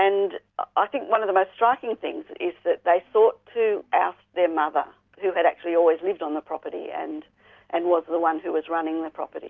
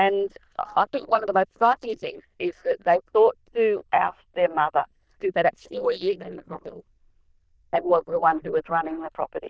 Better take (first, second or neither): first